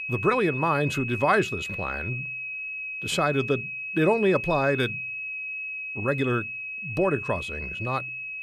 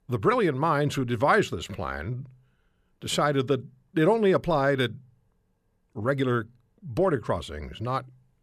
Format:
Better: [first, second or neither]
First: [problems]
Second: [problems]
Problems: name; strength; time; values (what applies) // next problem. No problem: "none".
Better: second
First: high-pitched whine; loud; throughout; 2.5 kHz, 5 dB below the speech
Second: none